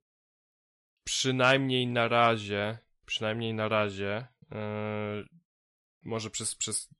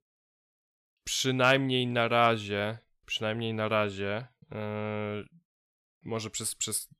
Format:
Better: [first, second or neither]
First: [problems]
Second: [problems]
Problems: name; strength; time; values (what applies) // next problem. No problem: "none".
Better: second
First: garbled, watery; slightly; nothing above 11 kHz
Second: none